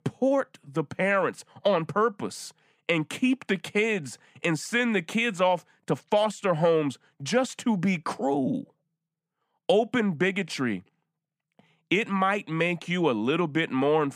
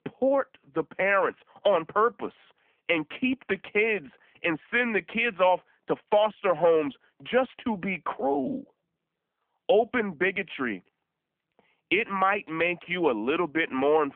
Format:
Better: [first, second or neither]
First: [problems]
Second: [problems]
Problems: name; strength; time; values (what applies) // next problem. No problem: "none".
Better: first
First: none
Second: phone-call audio